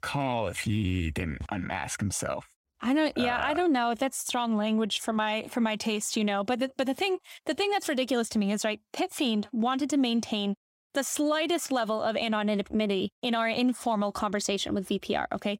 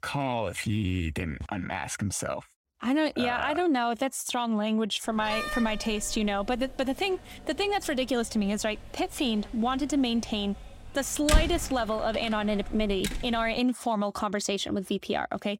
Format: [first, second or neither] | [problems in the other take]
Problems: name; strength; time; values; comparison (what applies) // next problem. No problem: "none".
first | door banging; loud; from 5.5 to 13 s; peak 2 dB above the speech